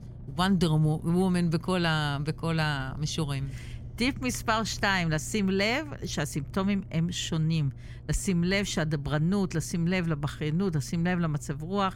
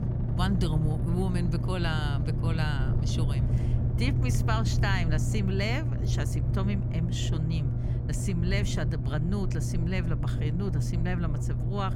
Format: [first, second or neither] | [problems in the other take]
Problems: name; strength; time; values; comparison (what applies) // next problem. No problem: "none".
first | low rumble; loud; throughout; 5 dB below the speech; faint in the first